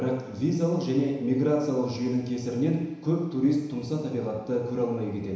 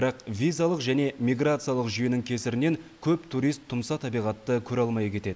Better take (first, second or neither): second